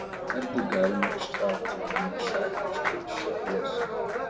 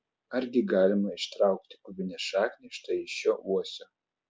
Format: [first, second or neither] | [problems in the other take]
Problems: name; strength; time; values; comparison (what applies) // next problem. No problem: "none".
second | background sound (Applause); 1 dB above the speech // room echo; dies away in 1.5 s